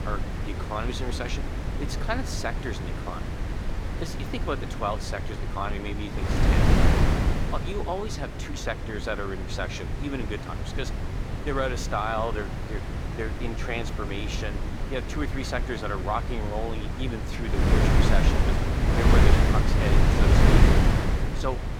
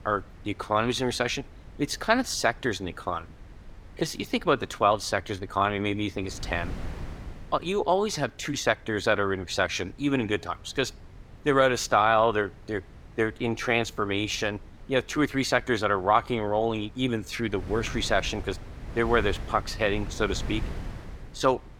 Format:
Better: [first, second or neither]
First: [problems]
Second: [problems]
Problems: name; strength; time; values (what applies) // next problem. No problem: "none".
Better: second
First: wind noise on the microphone; heavy; as loud as the speech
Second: wind noise on the microphone; occasional gusts; 25 dB below the speech